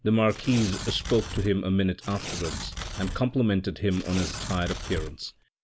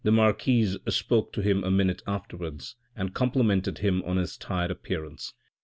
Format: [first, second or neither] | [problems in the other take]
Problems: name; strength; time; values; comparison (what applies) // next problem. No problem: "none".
second | background sound (Tearing); 9 dB below the speech